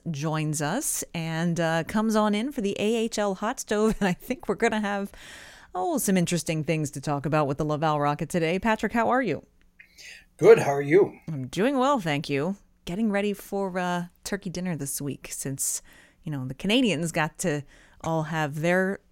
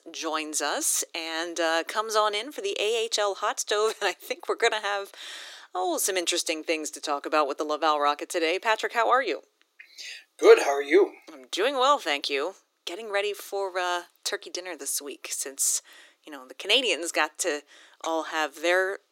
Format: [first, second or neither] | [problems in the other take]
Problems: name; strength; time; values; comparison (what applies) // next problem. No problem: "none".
first | thin; very; fading below 300 Hz